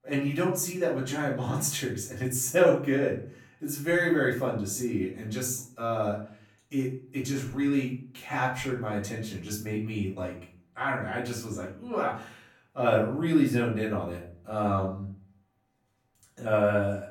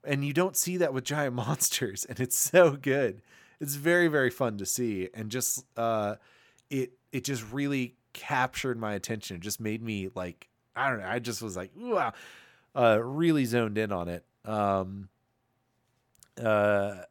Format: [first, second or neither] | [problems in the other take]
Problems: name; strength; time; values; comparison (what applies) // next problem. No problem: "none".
second | off-mic speech; far // room echo; slight; dies away in 0.4 s